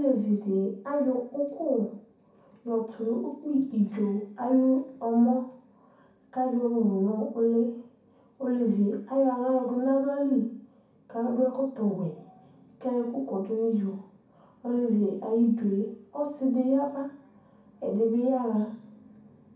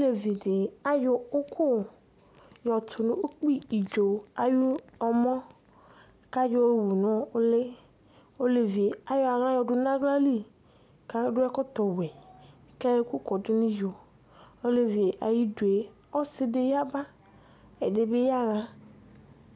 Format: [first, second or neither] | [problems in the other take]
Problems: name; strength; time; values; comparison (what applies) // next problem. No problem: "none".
second | room echo; dies away in 0.6 s